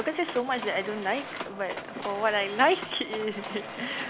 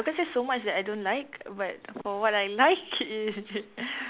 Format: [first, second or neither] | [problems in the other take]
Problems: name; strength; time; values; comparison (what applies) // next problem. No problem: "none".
second | background sound (Mechanisms); 10 dB below the speech